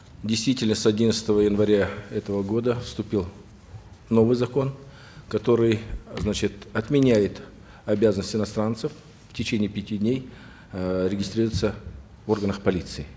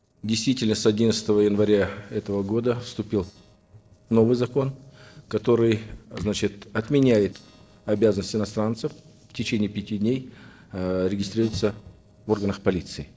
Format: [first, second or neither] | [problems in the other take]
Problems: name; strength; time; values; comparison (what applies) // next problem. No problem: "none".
first | noise reduction (neural separator model SepFormer DNS4)